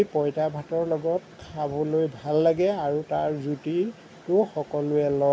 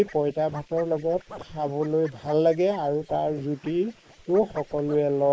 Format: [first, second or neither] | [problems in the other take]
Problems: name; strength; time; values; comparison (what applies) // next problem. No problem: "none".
first | noise reduction (neural mask model Resemble Enhance denoiser)